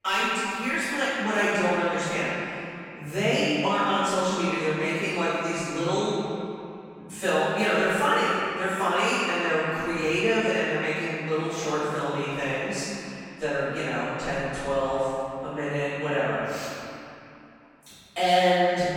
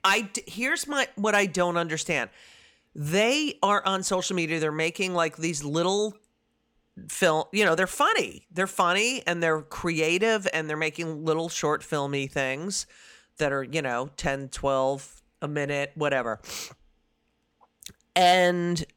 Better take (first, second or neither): second